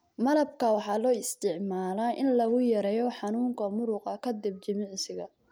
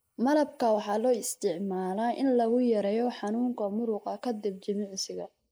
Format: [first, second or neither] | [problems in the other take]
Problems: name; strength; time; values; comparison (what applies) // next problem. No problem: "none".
first | noise reduction (neural mask model Resemble Enhance denoiser)